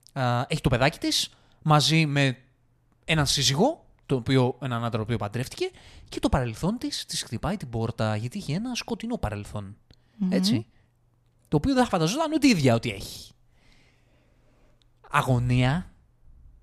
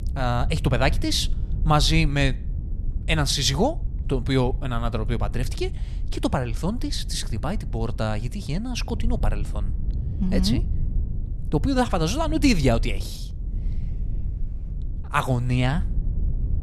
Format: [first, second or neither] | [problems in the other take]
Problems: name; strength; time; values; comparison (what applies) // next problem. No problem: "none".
first | low rumble; faint; throughout; 20 dB below the speech